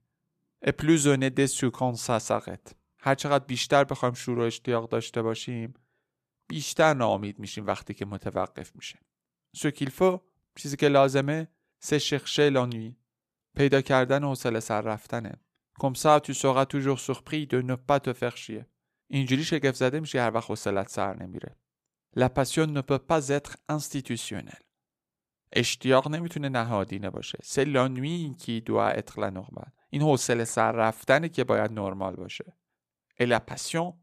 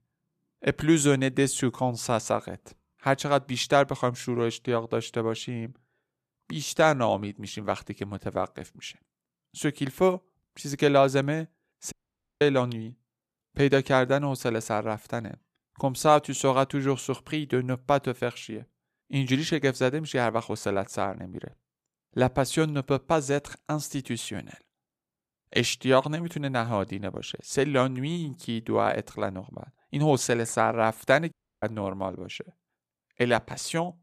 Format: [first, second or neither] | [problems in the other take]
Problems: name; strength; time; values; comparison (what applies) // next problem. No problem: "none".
first | audio cutting out; at 12 s and at 31 s